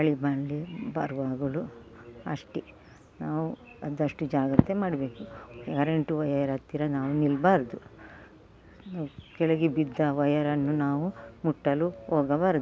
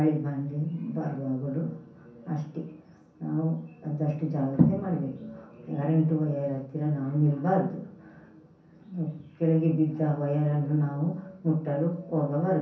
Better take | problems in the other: first | room echo; dies away in 0.6 s

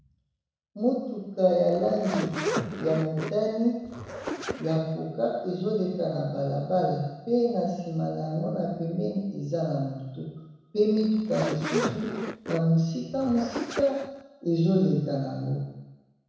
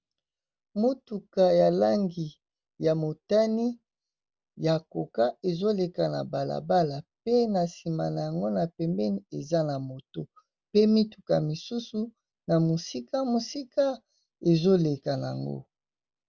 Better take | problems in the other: second | background sound (Zipper (clothing)); 7 dB below the speech // room echo; dies away in 1.1 s

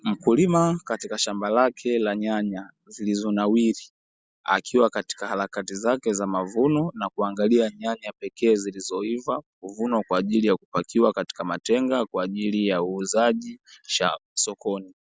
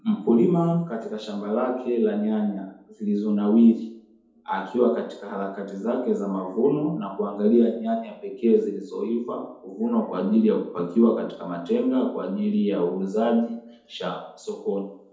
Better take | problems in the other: first | room echo; dies away in 2 s

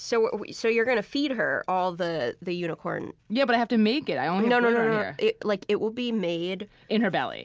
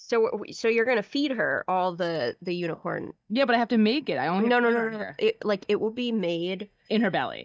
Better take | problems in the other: first | noise reduction (neural mask model DeepFilterNet 3)

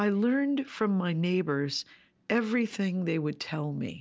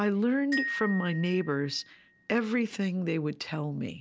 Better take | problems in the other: first | background sound (Glockenspiel); 11 dB below the speech

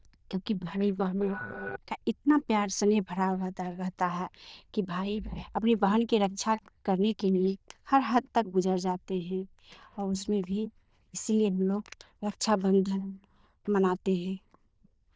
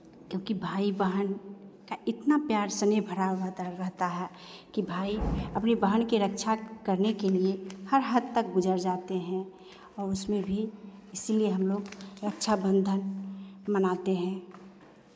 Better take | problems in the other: second | noise reduction (neural diffusion model UNIVERSE++)

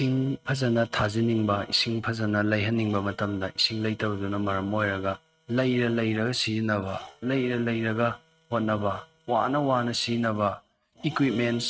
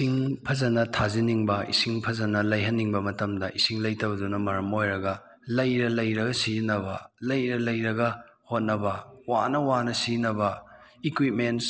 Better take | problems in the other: second | noise reduction (neural mask model RNNoise)

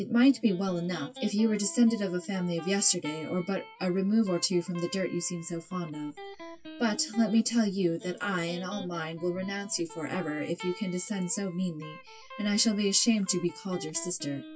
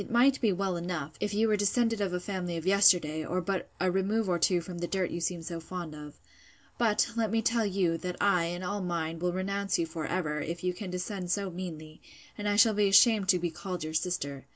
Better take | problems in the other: second | noise reduction (classical method WPE with log-MMSE)

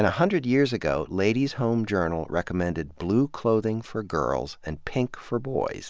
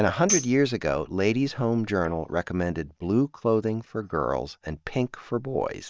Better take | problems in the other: first | noise reduction (neural mask model DeepFilterNet 3)

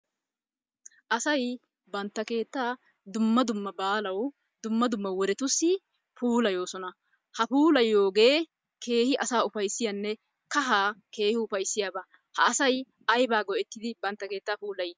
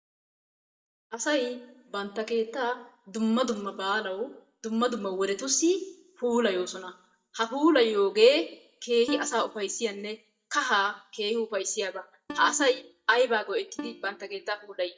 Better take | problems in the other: first | noise reduction (neural mask model DeepFilterNet 3)

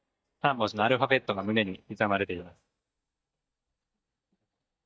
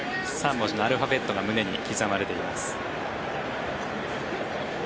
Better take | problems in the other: second | noise reduction (neural mask model DeepFilterNet 3)

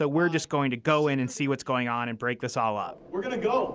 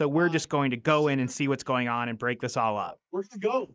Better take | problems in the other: first | noise reduction (neural mask model Resemble Enhance denoiser)

